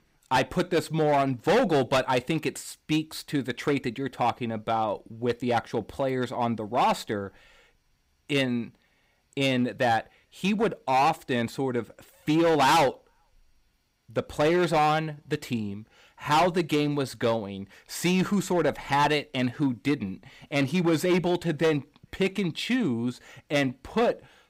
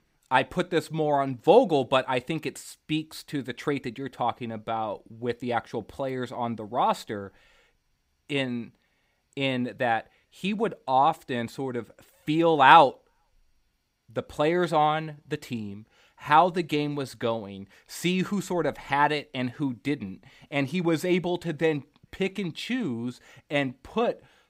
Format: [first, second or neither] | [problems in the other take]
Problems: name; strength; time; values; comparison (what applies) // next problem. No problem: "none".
second | distortion; heavy; 7% of the sound clipped